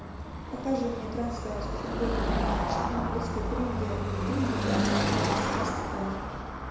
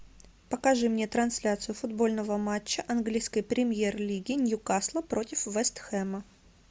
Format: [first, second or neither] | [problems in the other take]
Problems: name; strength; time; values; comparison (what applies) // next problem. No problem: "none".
second | background sound (Car passing by / Traffic noise, roadway noise); 5 dB above the speech // room echo; dies away in 1 s